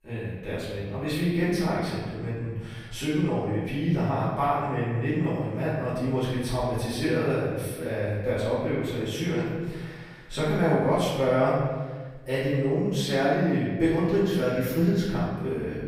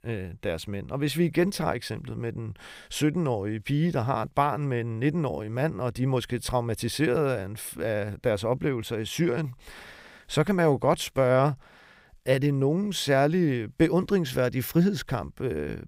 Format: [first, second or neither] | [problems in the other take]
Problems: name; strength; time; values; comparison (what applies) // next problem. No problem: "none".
second | room echo; strong; dies away in 1.3 s // off-mic speech; far